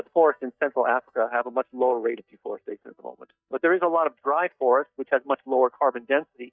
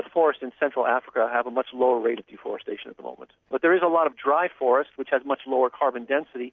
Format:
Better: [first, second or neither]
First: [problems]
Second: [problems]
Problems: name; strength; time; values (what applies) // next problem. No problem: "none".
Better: second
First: noise reduction (neural mask model DeepFilterNet 3)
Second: none